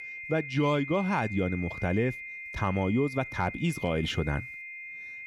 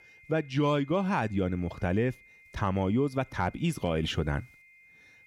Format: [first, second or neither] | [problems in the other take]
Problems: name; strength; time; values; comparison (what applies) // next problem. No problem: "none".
second | high-pitched whine; loud; throughout; 2 kHz, 9 dB below the speech; faint in the second